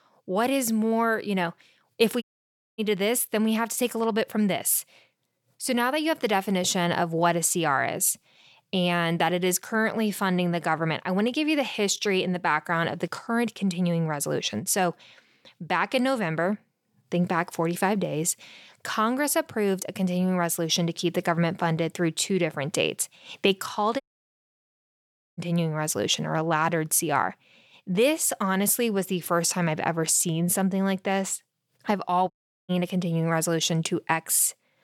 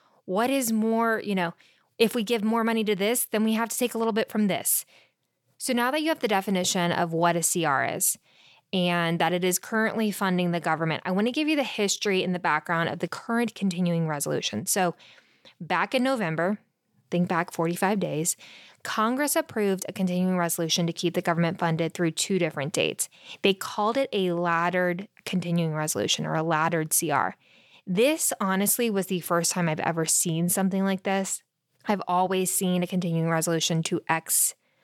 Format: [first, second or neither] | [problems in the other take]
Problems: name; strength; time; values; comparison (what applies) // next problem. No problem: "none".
second | audio cutting out; at 2 s for 0.5 s, at 24 s for 1.5 s and at 32 s